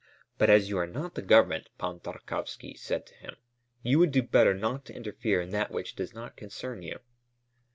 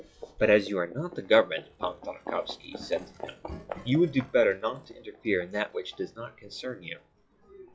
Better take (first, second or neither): first